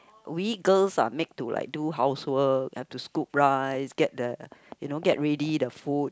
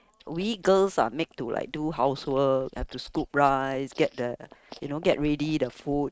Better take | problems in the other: first | noise reduction (neural mask model RNNoise)

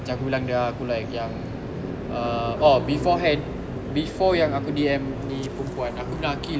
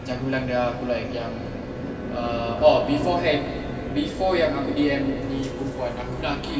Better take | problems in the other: first | background sound (Wind instrument, woodwind instrument); 19 dB below the speech // room echo; dies away in 2.4 s

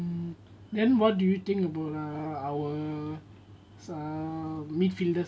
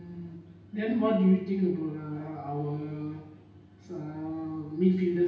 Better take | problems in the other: first | room echo; dies away in 0.9 s

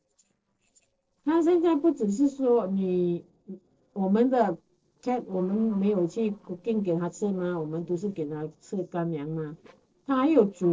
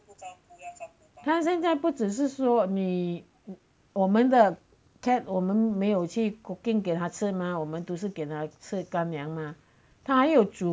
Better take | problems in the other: second | noise reduction (neural separator model SepFormer DNS4)

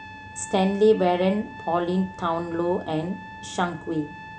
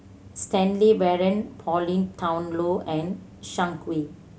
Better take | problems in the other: second | background sound (Trumpet); 17 dB below the speech

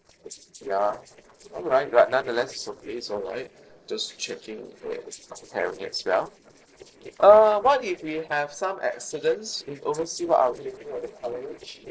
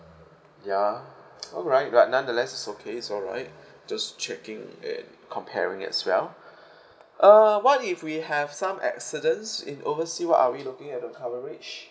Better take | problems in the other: second | noise reduction (neural separator model SepFormer DNS4)

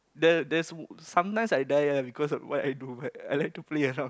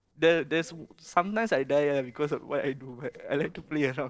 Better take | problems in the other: first | noise reduction (neural separator model SepFormer DNS4)

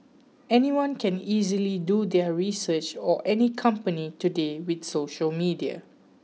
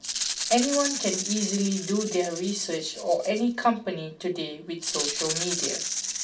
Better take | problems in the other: first | background sound (Rattle (instrument)); 4 dB below the speech // room echo; dies away in 0.2 s

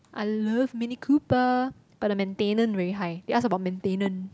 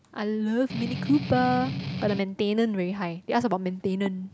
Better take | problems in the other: first | background sound (Strum); 5 dB below the speech

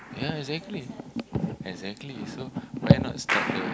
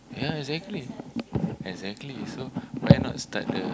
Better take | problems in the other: second | background sound (Clapping); 8 dB below the speech

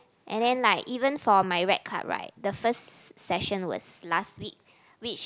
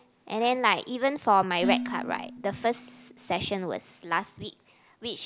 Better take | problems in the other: first | background sound (Dishes, pots, and pans); 10 dB below the speech

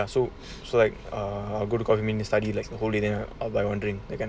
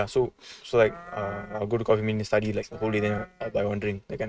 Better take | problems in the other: first | noise reduction (neural mask model RNNoise)

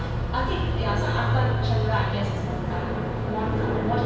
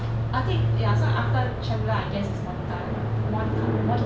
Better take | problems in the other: second | room echo; dies away in 1.2 s

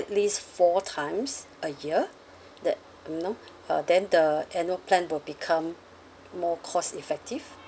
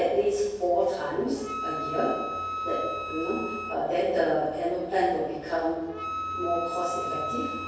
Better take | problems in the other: first | background sound (Wind instrument, woodwind instrument); 7 dB below the speech // room echo; dies away in 1.3 s

